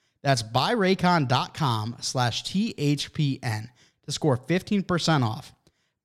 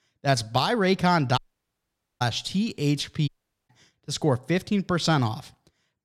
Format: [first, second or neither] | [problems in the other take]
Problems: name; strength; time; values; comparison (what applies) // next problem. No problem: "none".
first | audio cutting out; at 1.5 s for 1 s and at 3.5 s